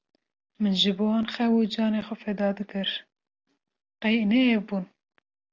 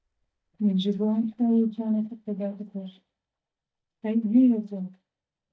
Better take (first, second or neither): first